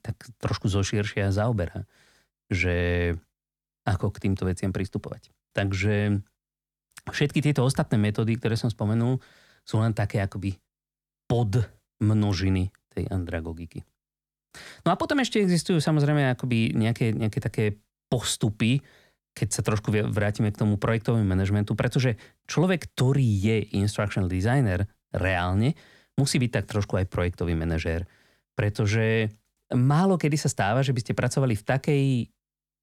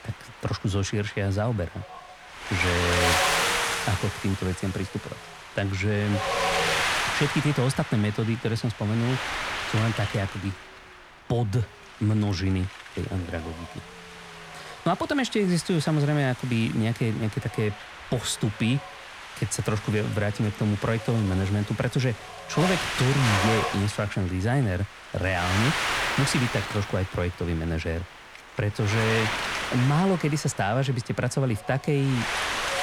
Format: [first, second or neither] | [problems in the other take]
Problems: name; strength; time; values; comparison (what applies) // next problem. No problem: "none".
first | wind noise on the microphone; heavy; 3 dB above the speech